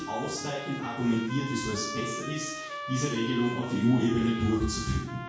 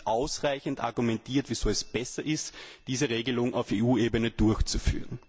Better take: second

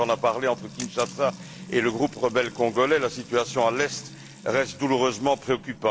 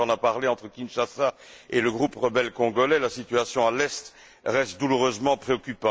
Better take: second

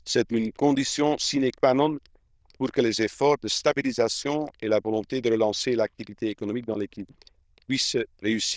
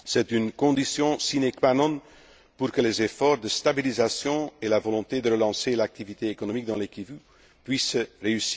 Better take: second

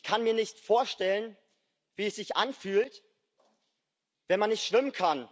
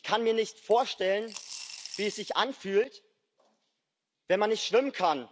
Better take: first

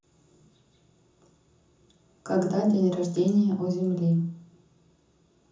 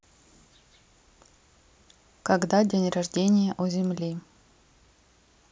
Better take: second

